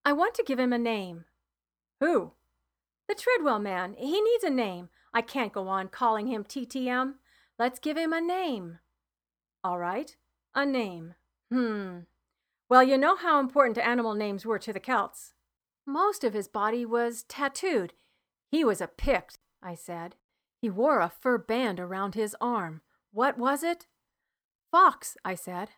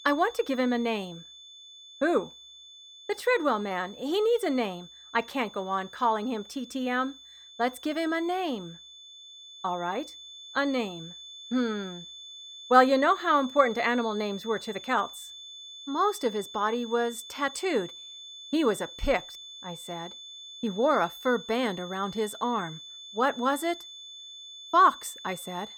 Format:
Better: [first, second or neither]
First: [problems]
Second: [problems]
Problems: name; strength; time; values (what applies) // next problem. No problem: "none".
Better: first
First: none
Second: high-pitched whine; noticeable; throughout; 3.5 kHz, 15 dB below the speech